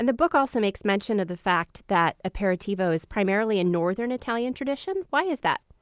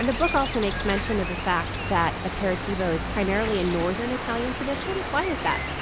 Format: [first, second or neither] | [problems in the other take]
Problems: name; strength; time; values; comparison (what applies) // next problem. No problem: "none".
first | background sound (Cricket); 4 dB below the speech